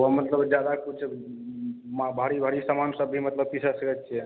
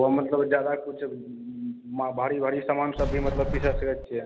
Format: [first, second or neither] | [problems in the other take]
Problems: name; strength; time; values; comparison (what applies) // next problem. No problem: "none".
first | background sound (Sliding door); 2 dB below the speech